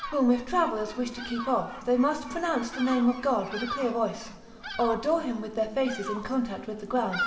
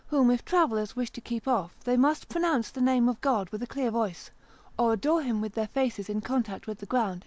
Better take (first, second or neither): second